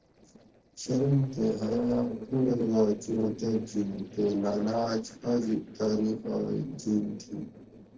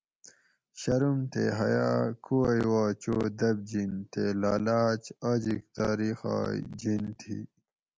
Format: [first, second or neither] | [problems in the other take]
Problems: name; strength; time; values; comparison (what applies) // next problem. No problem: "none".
second | noise reduction (neural separator model SepFormer DNS4)